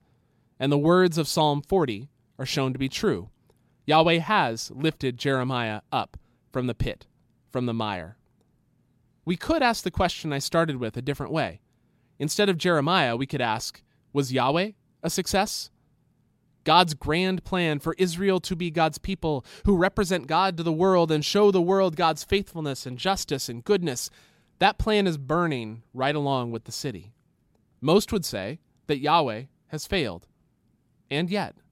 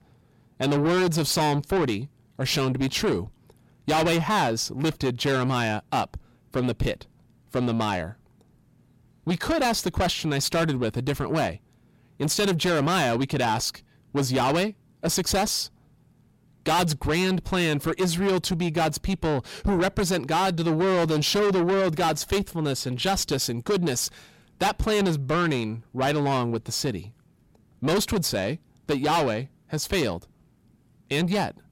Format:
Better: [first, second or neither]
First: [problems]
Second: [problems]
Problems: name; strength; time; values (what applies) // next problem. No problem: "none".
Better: first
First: none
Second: distortion; heavy; 6 dB below the speech